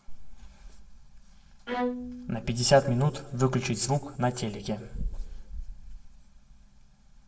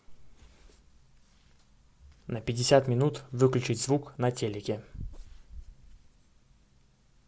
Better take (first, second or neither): second